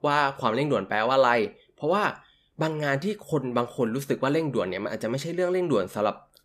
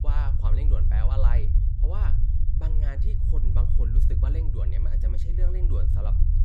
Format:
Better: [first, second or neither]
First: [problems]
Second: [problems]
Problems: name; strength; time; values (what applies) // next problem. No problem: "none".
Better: first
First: none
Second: low rumble; loud; throughout; 2 dB below the speech